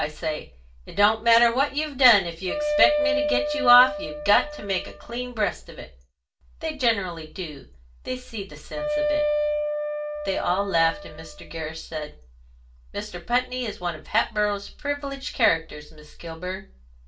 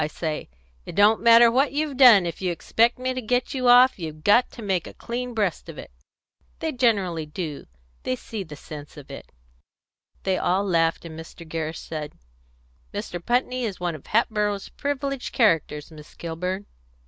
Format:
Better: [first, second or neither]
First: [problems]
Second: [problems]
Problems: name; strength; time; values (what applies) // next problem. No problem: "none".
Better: second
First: background sound (Wind instrument, woodwind instrument); 2 dB below the speech // room echo; dies away in 0.2 s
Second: none